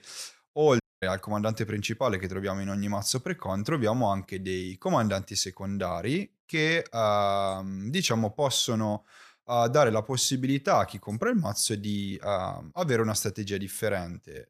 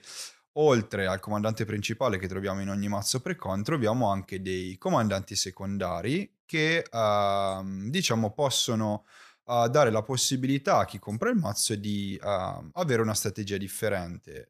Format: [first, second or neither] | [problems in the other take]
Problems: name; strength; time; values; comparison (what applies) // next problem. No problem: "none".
second | audio cutting out; at 1 s